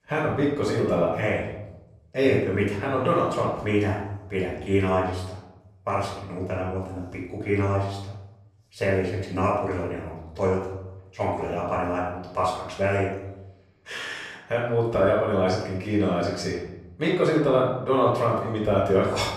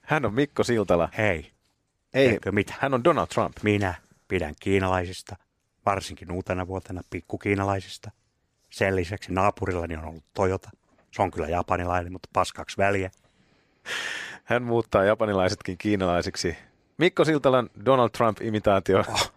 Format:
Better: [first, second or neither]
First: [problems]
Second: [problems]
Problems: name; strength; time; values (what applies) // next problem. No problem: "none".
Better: second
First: off-mic speech; far // room echo; noticeable; dies away in 0.9 s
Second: none